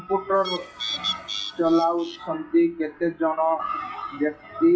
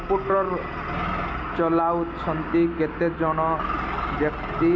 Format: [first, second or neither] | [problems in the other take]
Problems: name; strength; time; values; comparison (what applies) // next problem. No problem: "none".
second | noise reduction (classical method WPE with log-MMSE)